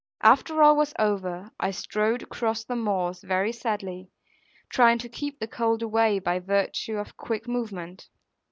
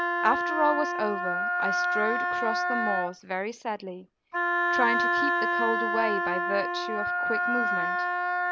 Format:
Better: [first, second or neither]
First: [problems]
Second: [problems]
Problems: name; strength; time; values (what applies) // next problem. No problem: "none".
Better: first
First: none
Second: background sound (Wind instrument, woodwind instrument); 4 dB above the speech